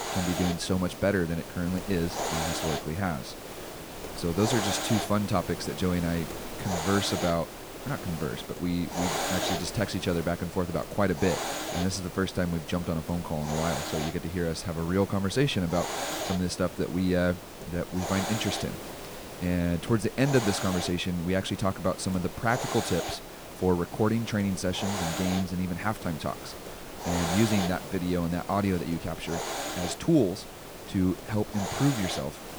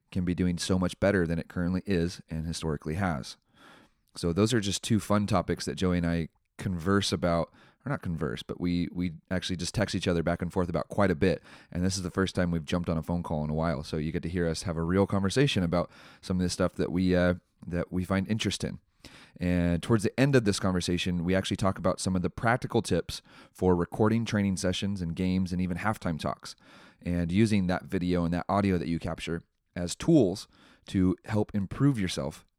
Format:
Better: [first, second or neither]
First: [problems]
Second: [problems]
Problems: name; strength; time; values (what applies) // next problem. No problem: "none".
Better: second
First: hiss; loud; throughout; 6 dB below the speech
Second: none